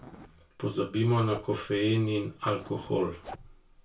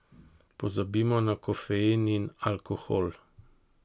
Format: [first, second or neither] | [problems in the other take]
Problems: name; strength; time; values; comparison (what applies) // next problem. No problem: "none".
second | background sound (Zipper (clothing)); 20 dB below the speech // room echo; dies away in 0.3 s